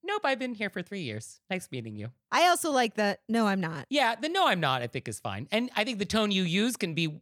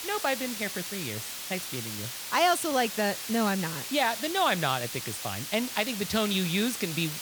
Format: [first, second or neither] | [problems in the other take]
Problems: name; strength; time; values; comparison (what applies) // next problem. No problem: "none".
first | hiss; loud; throughout; 6 dB below the speech